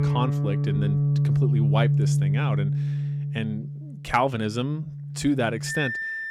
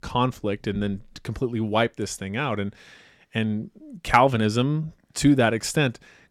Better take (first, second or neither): second